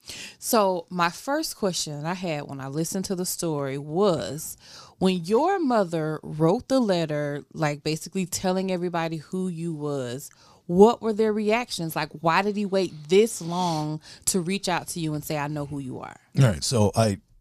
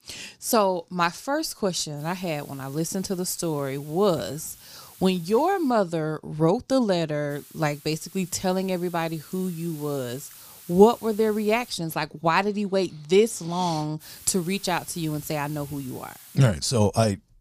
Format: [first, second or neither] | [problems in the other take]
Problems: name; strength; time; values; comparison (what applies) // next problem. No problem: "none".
first | hiss; faint; from 2 to 5.5 s, from 7.5 to 12 s and from 14 to 16 s; 20 dB below the speech